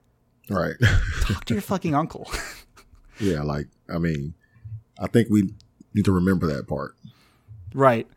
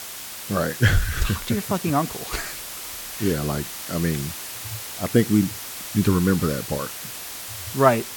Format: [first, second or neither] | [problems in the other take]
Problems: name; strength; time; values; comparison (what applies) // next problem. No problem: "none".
first | hiss; loud; throughout; 8 dB below the speech